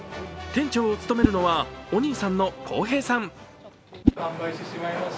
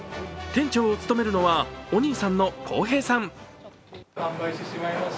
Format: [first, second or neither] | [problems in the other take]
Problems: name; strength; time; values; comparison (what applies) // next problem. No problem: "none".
second | background sound (Whoosh, swoosh, swish); 4 dB below the speech